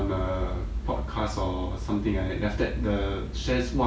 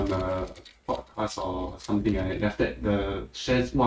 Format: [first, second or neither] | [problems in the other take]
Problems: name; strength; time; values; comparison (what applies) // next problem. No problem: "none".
first | noise reduction (neural mask model RNNoise)